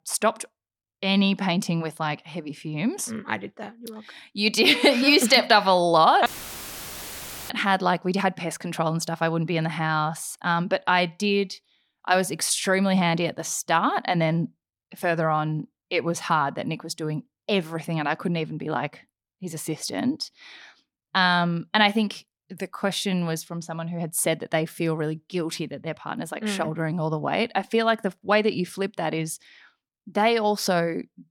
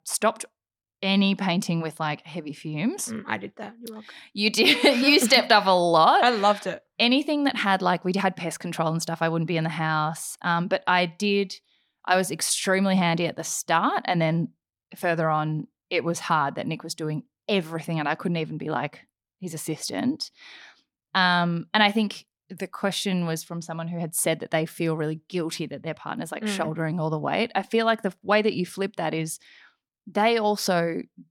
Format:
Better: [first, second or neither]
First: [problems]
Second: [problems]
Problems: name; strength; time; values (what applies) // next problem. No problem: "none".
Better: second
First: audio cutting out; filled with static; at 6.5 s for 1 s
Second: none